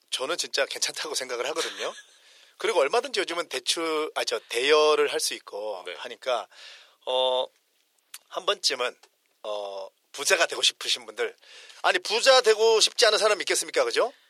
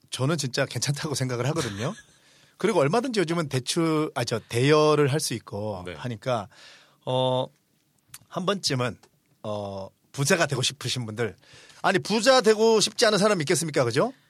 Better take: second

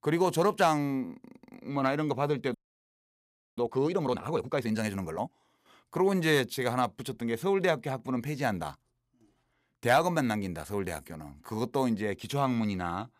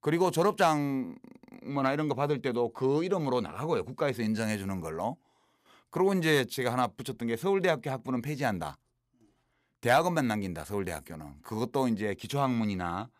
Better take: second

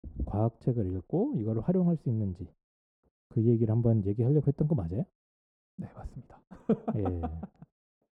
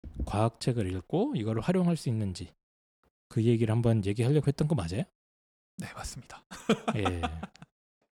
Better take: second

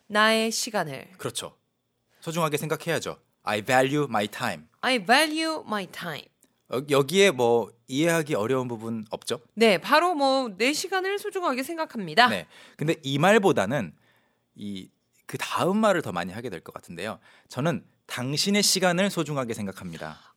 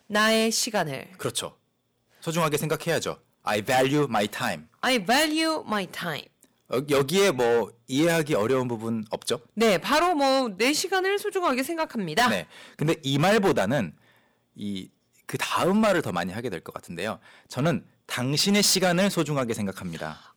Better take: first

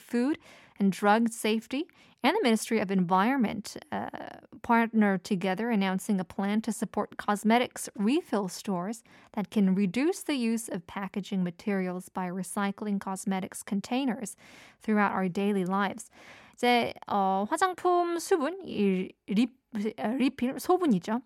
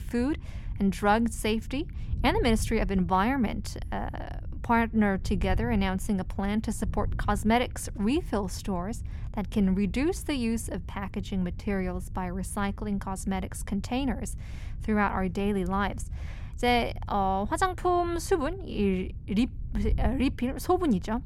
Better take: first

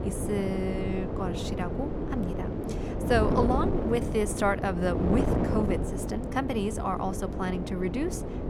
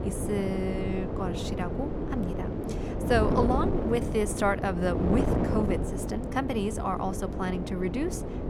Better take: neither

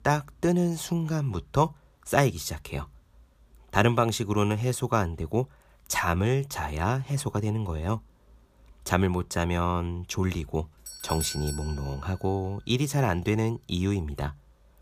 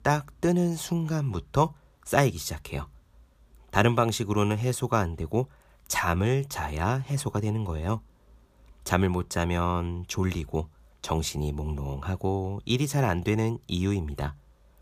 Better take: second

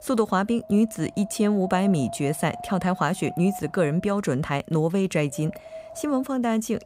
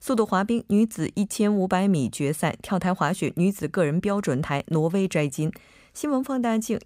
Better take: second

